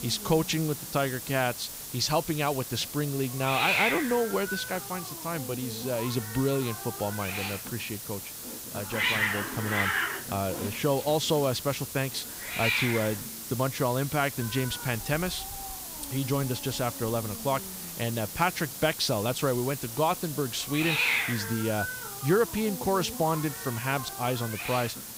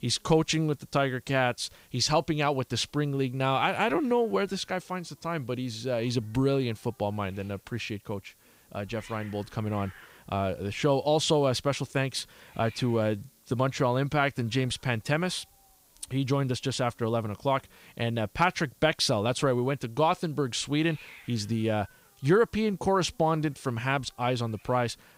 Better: second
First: hiss; loud; throughout; 3 dB below the speech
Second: hiss; faint; throughout; 25 dB below the speech

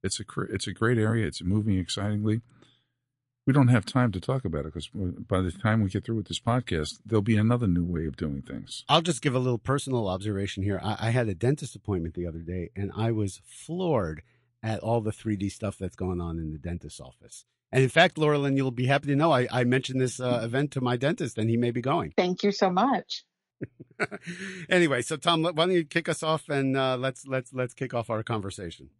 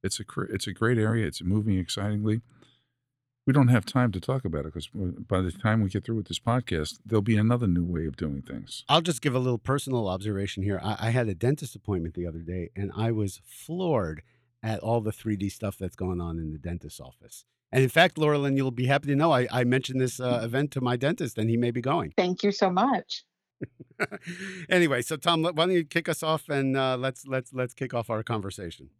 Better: second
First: garbled, watery; slightly; nothing above 11 kHz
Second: none

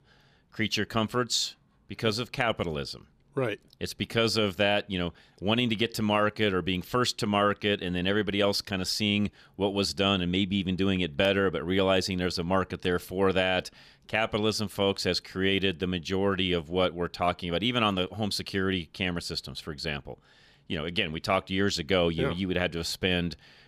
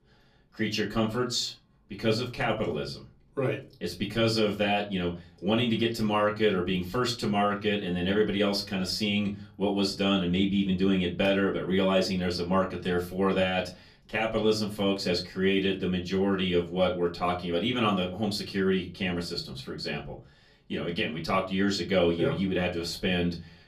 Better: first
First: none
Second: off-mic speech; far // room echo; very slight; dies away in 0.3 s

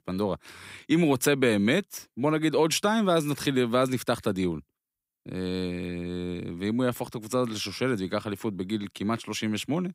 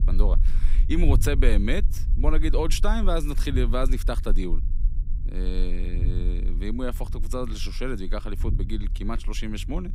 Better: first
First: none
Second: low rumble; noticeable; throughout; 15 dB below the speech

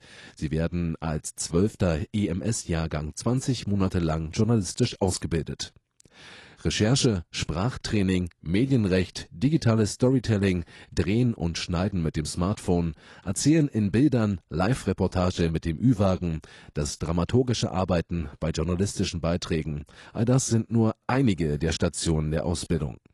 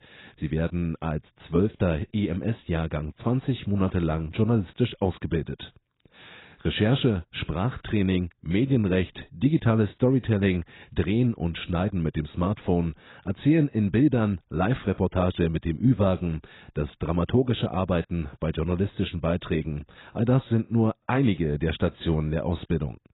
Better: first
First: garbled, watery; slightly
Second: garbled, watery; badly; nothing above 4 kHz

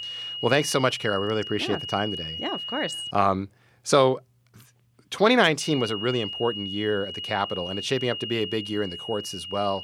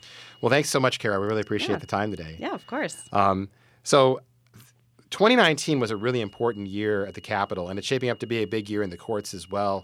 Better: second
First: high-pitched whine; loud; until 3 s and from 5.5 s on; 3 kHz, 7 dB below the speech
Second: high-pitched whine; faint; until 3 s and from 5.5 s on; 3 kHz, 30 dB below the speech

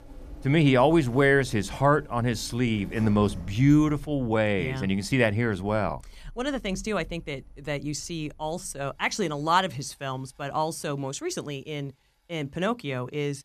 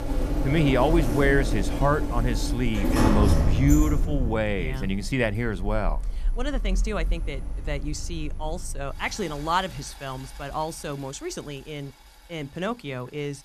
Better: first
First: household noises; faint; throughout; 20 dB below the speech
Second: household noises; loud; throughout; 1 dB below the speech

